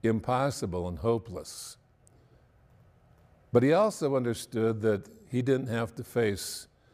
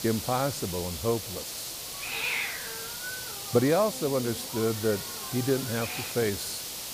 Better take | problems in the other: first | hiss; loud; throughout; 4 dB below the speech

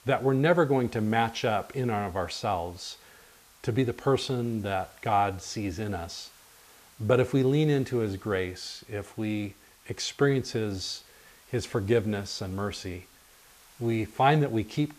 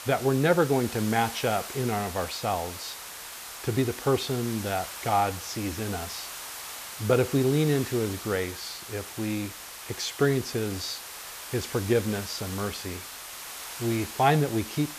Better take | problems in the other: first | hiss; loud; throughout; 10 dB below the speech; faint in the first

